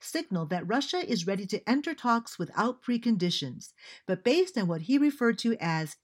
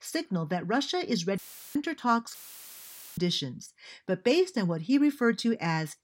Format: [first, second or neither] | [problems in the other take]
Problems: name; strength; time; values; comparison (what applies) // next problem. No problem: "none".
first | audio cutting out; filled with static; at 1.5 s and at 2.5 s for 1 s